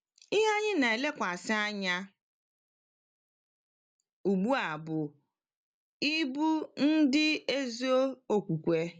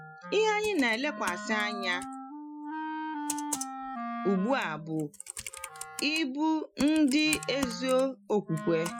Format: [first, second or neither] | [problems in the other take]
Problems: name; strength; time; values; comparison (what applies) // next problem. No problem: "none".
first | noise reduction (classical method Wiener filter)